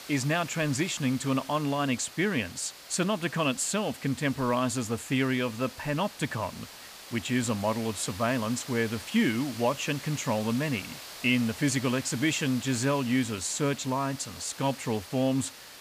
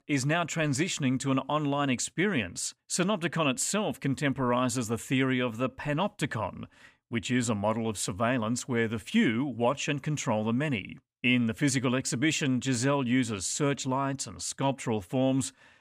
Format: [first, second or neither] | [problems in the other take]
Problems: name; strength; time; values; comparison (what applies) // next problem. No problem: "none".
second | hiss; noticeable; throughout; 15 dB below the speech